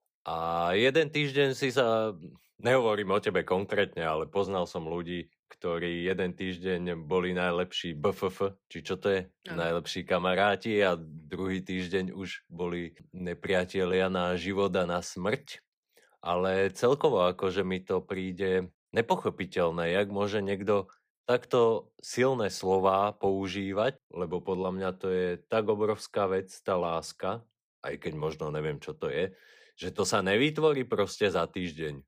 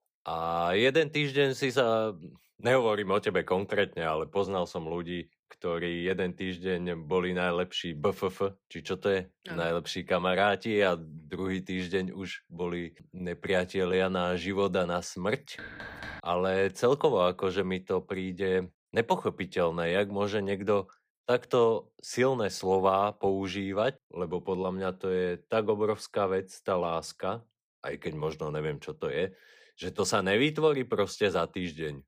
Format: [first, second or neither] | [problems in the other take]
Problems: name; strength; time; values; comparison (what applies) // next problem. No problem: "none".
first | door banging; faint; at 16 s; peak 10 dB below the speech